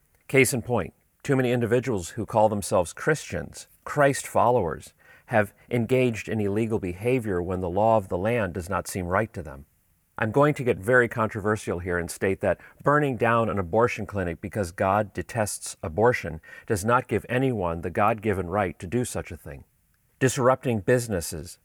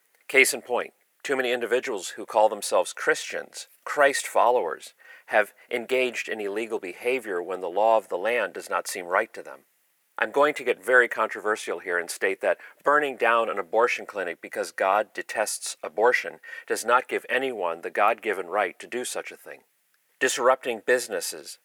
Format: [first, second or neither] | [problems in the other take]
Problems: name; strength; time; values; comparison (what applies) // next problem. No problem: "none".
first | thin; very; fading below 400 Hz